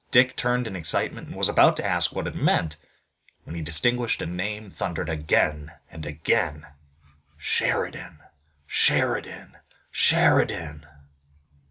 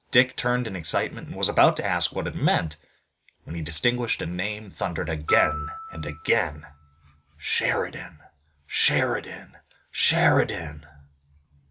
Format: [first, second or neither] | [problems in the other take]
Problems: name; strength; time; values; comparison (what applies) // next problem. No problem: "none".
first | background sound (Glockenspiel); 9 dB below the speech